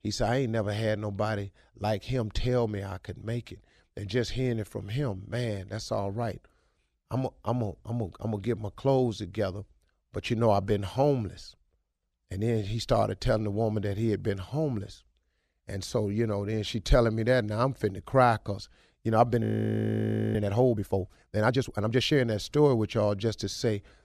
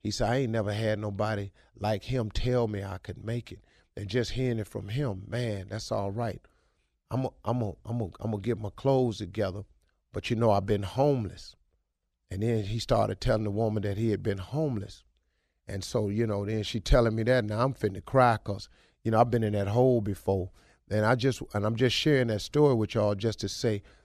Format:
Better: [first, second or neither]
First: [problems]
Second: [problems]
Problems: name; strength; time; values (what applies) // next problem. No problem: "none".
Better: second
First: audio freezing; at 19 s for 1 s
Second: none